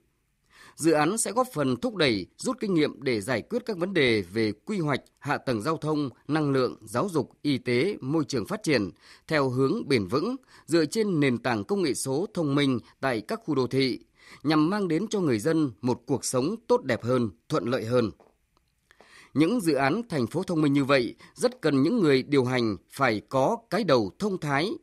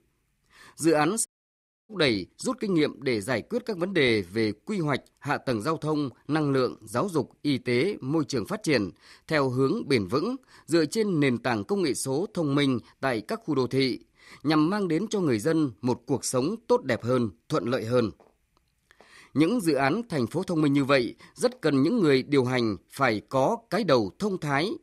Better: first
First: none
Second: audio cutting out; at 1.5 s for 0.5 s

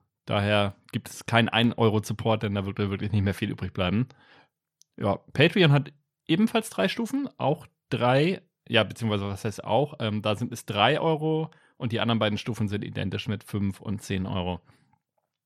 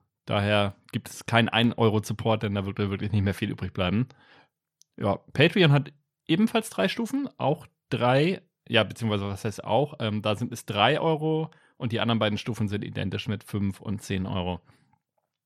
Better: neither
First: none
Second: none

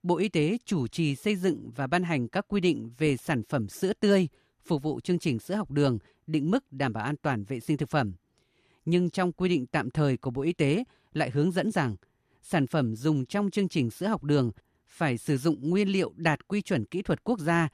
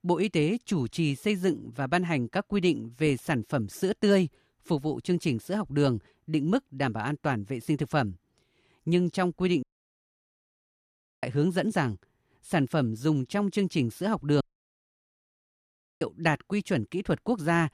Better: first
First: none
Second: audio cutting out; at 9.5 s for 1.5 s and at 14 s for 1.5 s

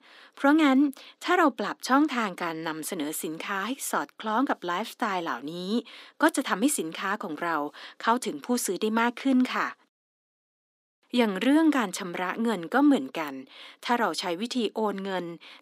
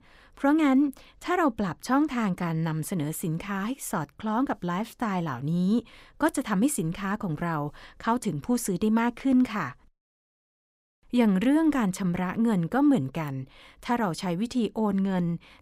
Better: second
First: thin; very slightly; fading below 250 Hz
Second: none

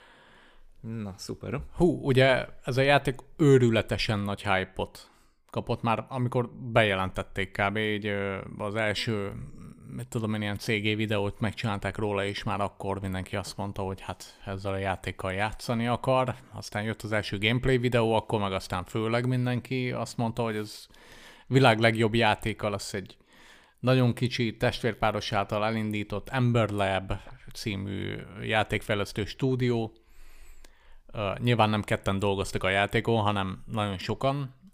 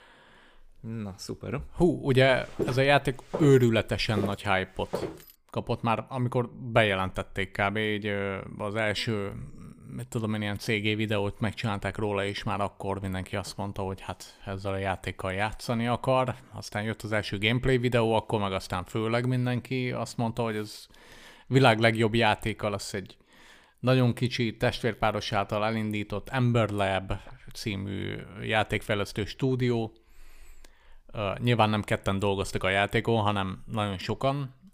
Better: first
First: none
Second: footsteps; noticeable; from 2.5 to 5 s; peak 6 dB below the speech

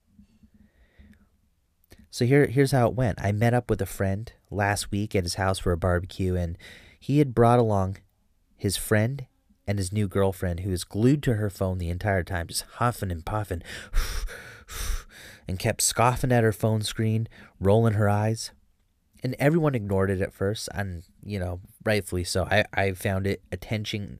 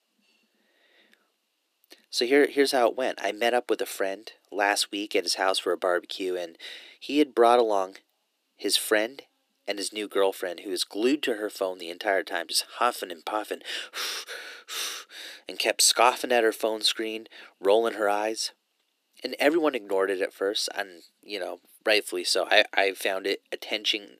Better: first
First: none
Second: thin; somewhat; fading below 300 Hz

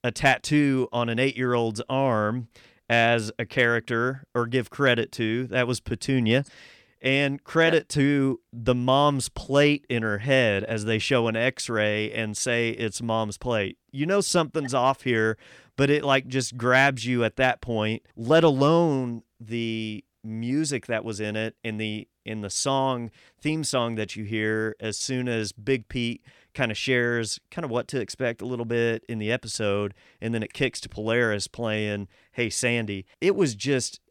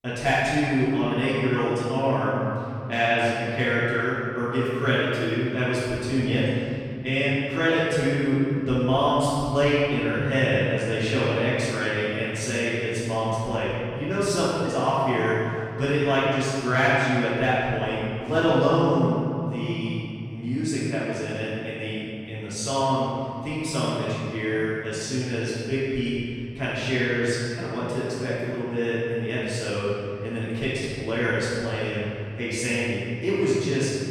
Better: first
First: none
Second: room echo; strong; dies away in 3 s // off-mic speech; far

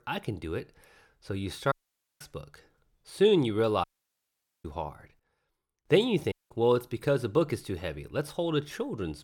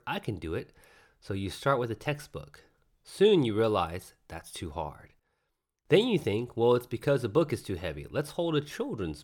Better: second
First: audio cutting out; at 1.5 s, at 4 s for 1 s and at 6.5 s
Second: none

